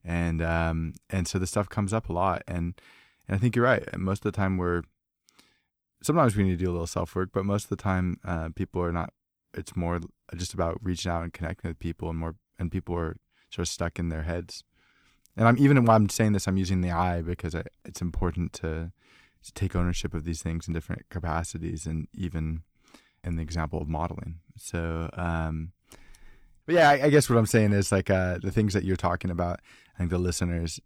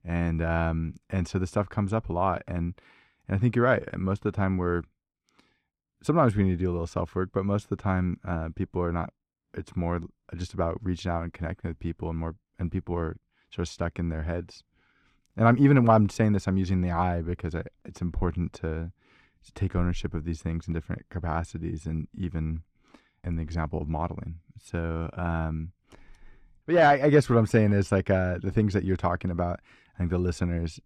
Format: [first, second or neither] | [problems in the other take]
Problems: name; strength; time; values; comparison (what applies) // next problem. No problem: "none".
first | muffled; slightly; fading above 2 kHz